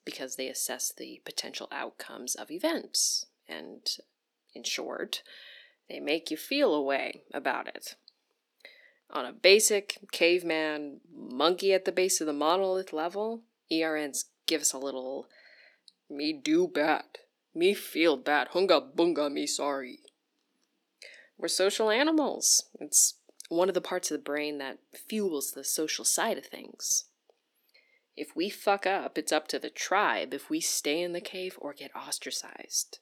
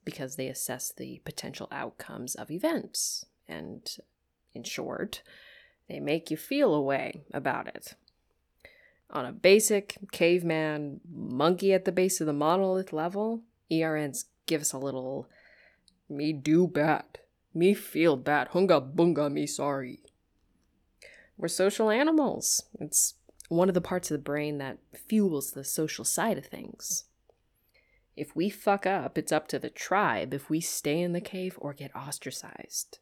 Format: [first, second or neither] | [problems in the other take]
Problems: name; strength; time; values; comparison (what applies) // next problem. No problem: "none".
second | thin; very slightly; fading below 250 Hz